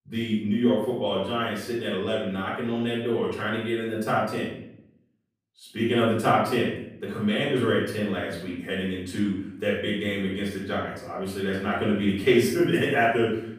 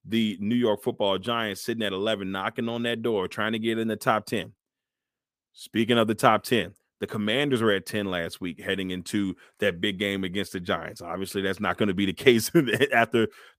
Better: second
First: off-mic speech; far // room echo; noticeable; dies away in 0.7 s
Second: none

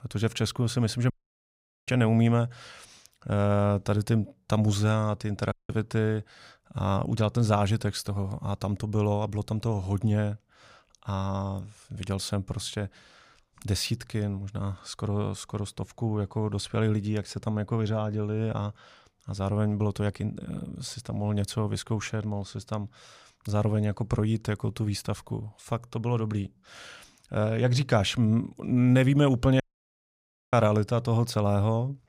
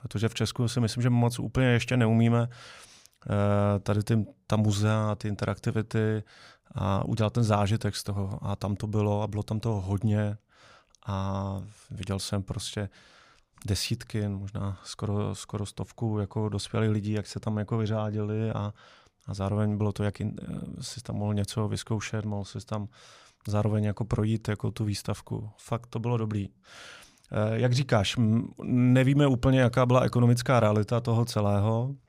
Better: second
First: audio cutting out; at 1 s for 1 s, at 5.5 s and at 30 s for 1 s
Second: none

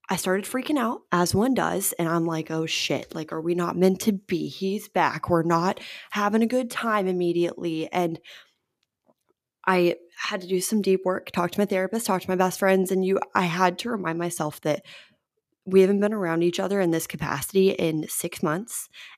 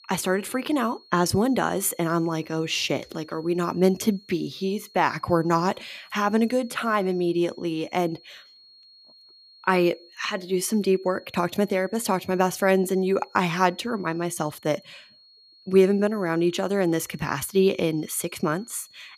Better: first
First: none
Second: high-pitched whine; faint; throughout; 4.5 kHz, 25 dB below the speech

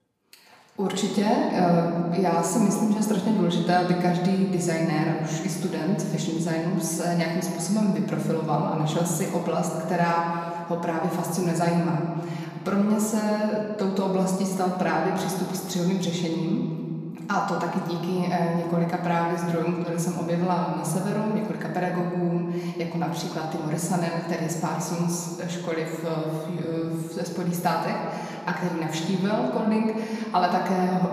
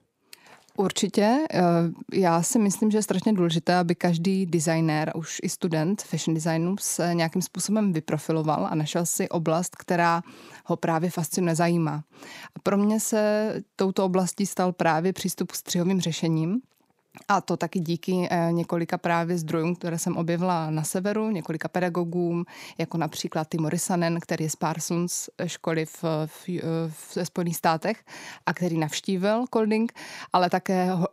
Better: second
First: off-mic speech; far // room echo; noticeable; dies away in 2.2 s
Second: none

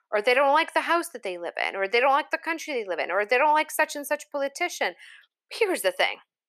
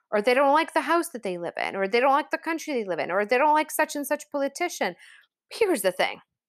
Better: second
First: thin; somewhat; fading below 400 Hz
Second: none

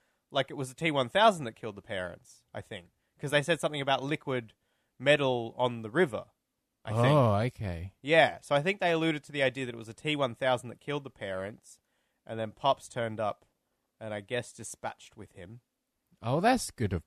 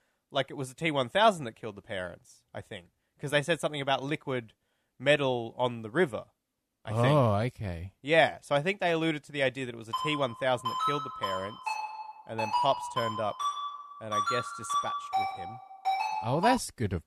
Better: first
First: none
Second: phone ringing; noticeable; from 10 s on; peak level with the speech

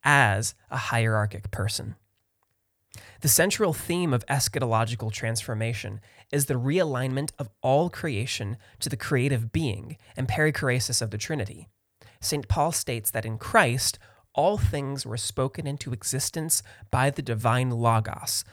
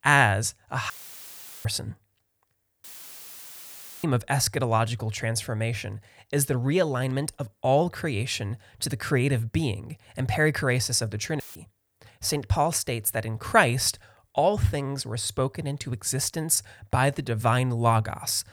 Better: first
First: none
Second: audio cutting out; filled with static; at 1 s for 0.5 s, at 3 s for 1 s and at 11 s

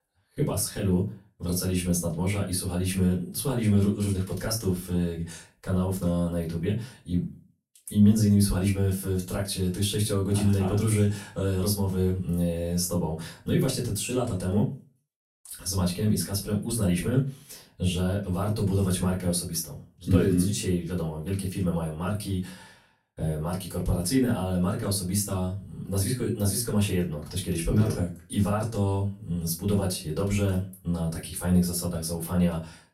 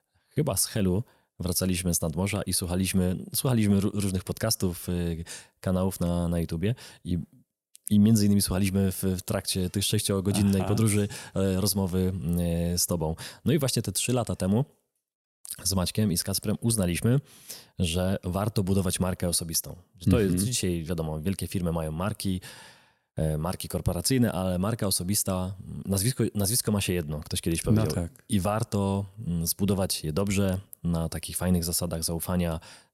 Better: second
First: off-mic speech; far // room echo; very slight; dies away in 0.3 s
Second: none

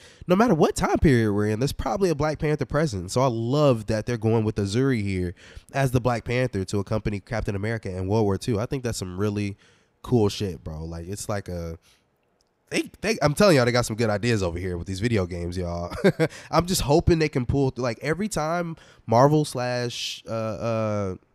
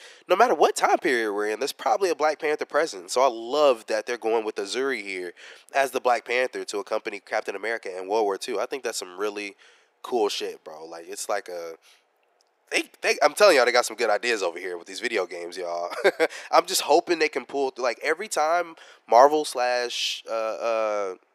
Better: first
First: none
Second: thin; very; fading below 400 Hz

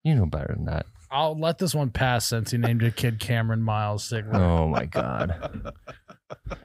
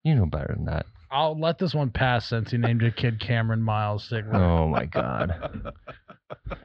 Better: first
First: none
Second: muffled; very slightly; fading above 4 kHz

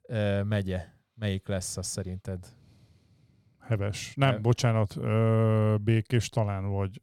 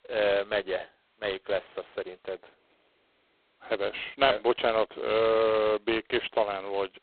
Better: first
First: none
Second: phone-call audio; poor line; nothing above 4 kHz

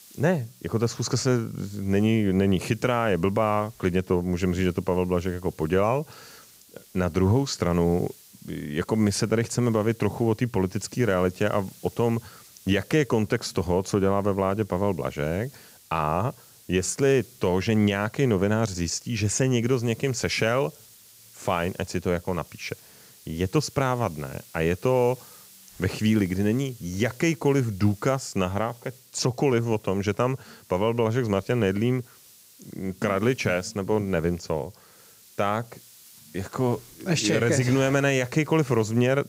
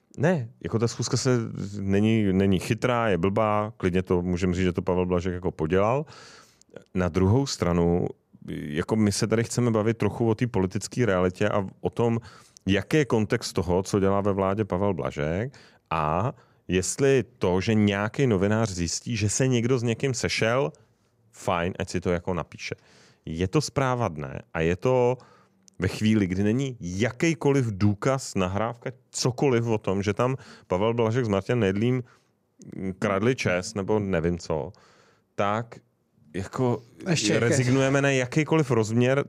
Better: second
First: hiss; faint; throughout; 25 dB below the speech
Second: none

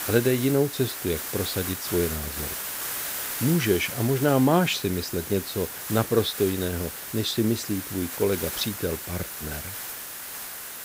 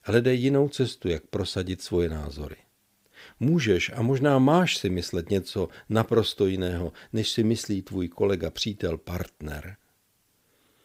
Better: second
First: hiss; loud; throughout; 6 dB below the speech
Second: none

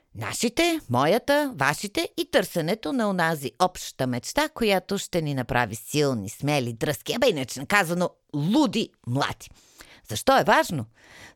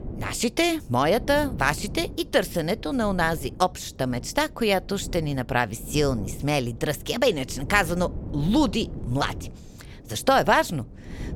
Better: first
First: none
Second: wind noise on the microphone; occasional gusts; 20 dB below the speech

